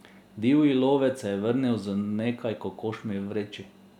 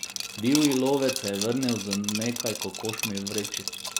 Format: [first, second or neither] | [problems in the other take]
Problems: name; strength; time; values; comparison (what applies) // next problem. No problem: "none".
first | background sound (Liquid); 5 dB below the speech